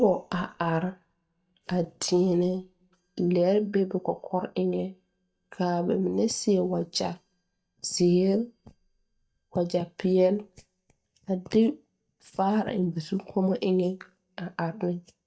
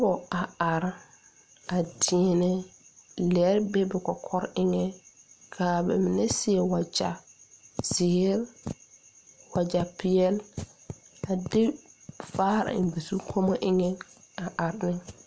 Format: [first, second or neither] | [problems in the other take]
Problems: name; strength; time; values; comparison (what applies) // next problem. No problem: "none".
second | noise reduction (neural mask model DeepFilterNet 3)